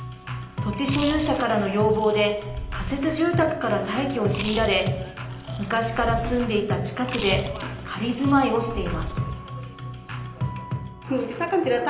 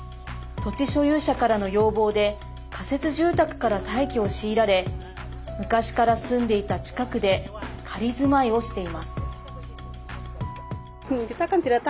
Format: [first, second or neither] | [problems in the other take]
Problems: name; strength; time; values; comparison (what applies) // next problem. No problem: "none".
second | background sound (Chewing, mastication); 11 dB below the speech // room echo; dies away in 0.8 s